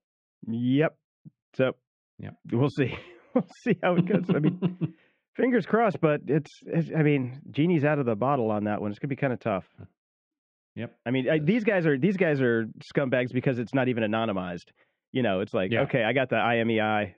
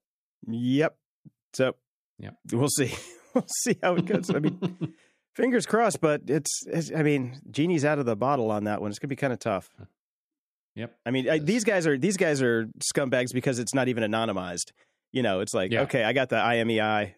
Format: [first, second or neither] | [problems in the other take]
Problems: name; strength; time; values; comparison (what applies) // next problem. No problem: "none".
second | muffled; very; fading above 3 kHz